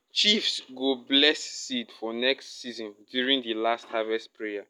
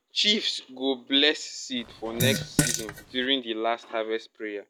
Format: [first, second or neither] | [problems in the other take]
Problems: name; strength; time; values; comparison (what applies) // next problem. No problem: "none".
first | background sound (Fart); 1 dB below the speech